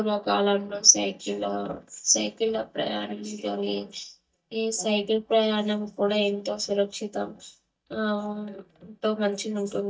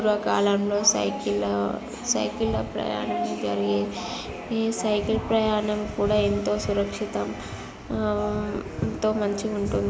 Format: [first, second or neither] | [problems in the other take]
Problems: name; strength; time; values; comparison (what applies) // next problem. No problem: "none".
second | noise reduction (neural mask model DeepFilterNet 3)